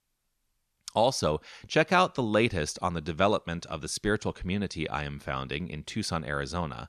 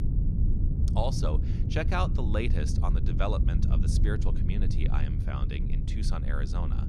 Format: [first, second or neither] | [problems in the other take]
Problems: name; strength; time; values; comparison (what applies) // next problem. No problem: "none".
first | low rumble; loud; throughout; 6 dB below the speech